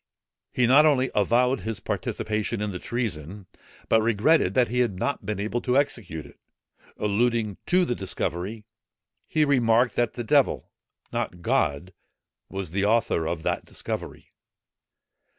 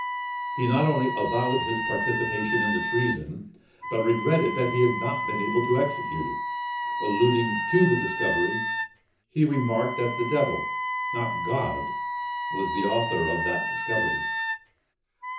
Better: first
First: none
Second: background sound (Wind instrument, woodwind instrument); 3 dB below the speech // room echo; dies away in 0.6 s

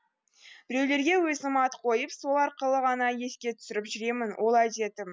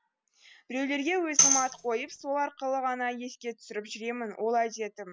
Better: first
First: none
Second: background sound (Tambourine); 4 dB above the speech

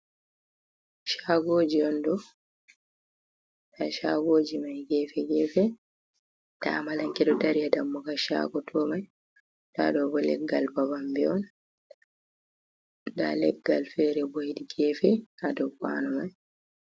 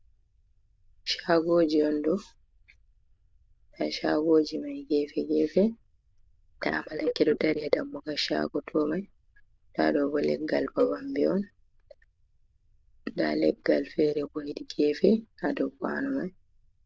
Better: first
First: none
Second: noise reduction (neural diffusion model UNIVERSE++)

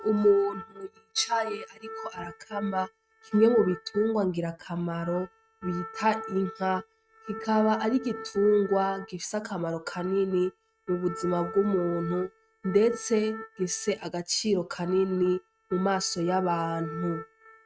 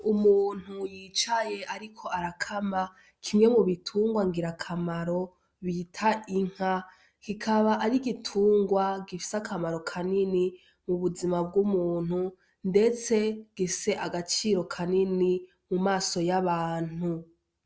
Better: second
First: noise reduction (neural mask model RNNoise)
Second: none

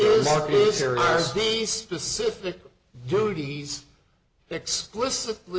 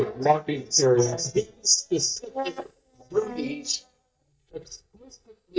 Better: first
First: none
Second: noise reduction (neural mask model DeepFilterNet 3)

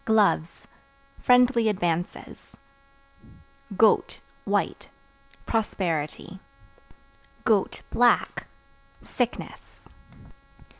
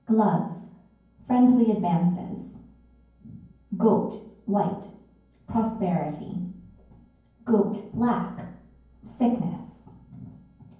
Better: first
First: none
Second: room echo; dies away in 0.9 s

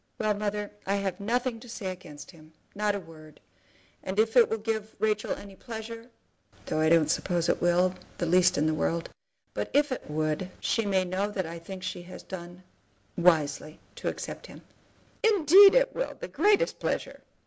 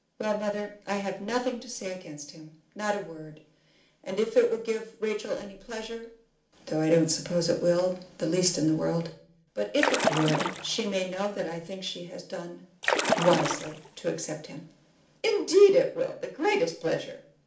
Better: first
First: none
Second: background sound (Splash, splatter); 1 dB below the speech // room echo; dies away in 0.4 s

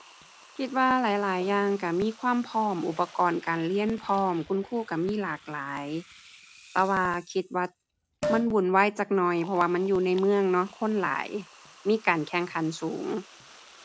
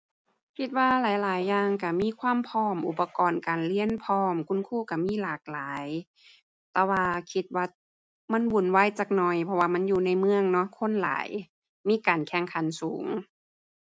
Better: second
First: background sound (Liquid); 17 dB below the speech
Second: none

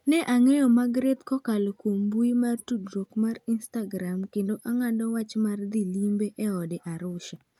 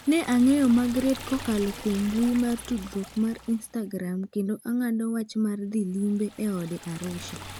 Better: first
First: none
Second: background sound (Liquid); 16 dB below the speech

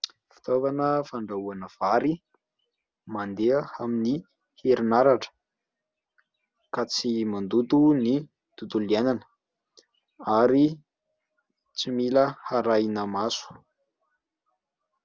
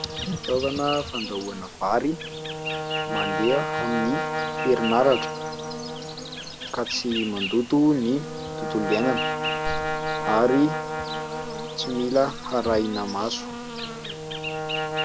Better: first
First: none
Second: background sound (Brass instrument + Insect); 4 dB below the speech

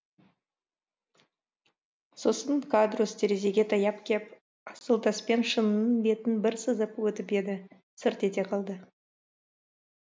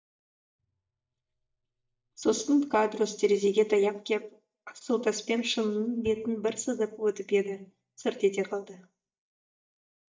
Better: first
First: none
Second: noise reduction (neural mask model DeepFilterNet 3)

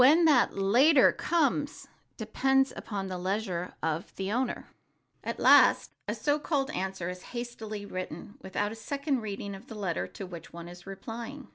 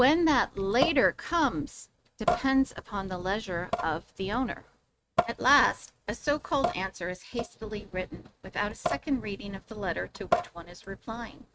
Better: first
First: none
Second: noise reduction (neural mask model RNNoise)

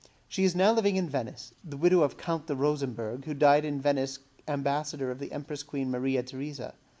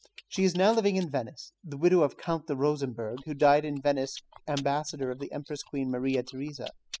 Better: first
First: none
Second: noise reduction (classical method spectral subtraction)

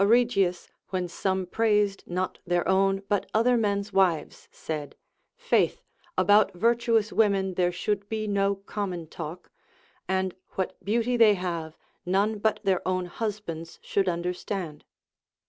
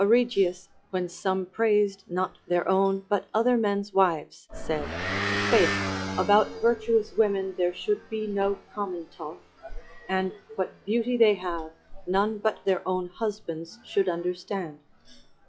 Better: first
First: none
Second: noise reduction (classical method log-MMSE)

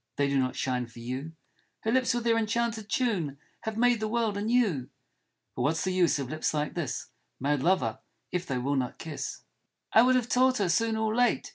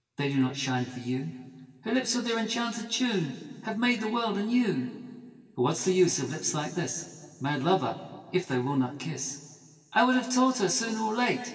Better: first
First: none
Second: room echo; dies away in 2.3 s

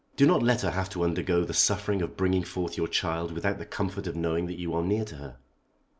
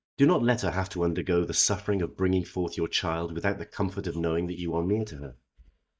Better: first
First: none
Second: noise reduction (neural mask model DeepFilterNet 3)

